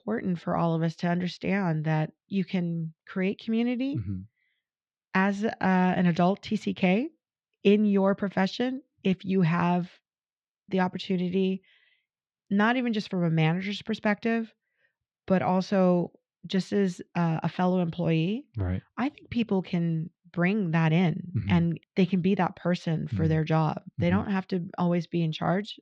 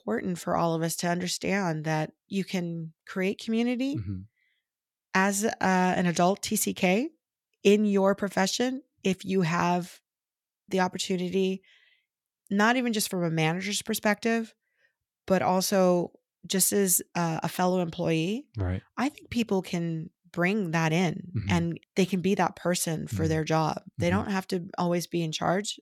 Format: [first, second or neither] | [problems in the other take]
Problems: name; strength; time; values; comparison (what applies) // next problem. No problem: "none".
second | muffled; slightly; fading above 4 kHz